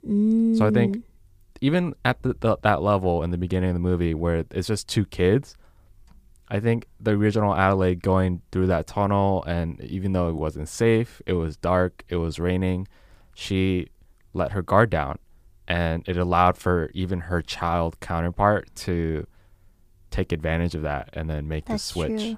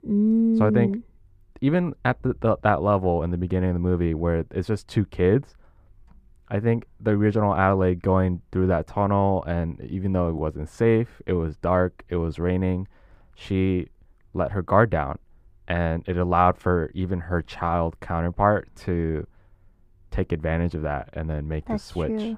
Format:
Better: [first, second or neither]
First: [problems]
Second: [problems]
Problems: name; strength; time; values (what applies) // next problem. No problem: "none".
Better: first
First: none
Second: muffled; slightly; fading above 3 kHz